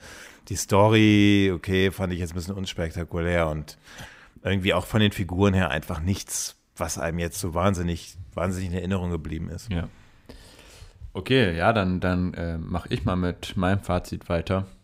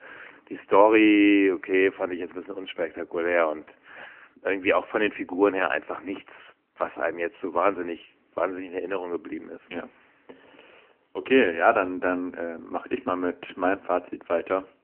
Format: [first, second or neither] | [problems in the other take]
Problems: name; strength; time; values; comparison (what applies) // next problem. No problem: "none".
first | phone-call audio; nothing above 3 kHz